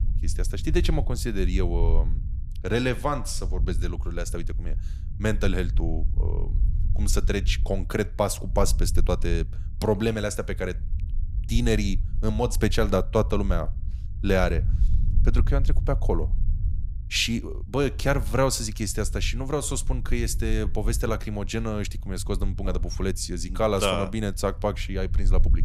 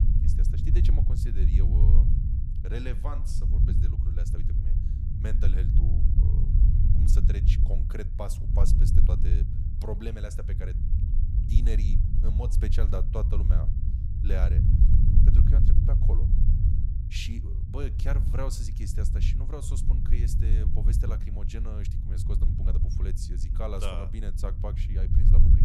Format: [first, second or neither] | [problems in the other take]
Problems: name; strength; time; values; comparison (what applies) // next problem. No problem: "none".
first | low rumble; loud; throughout; 1 dB below the speech; faint in the first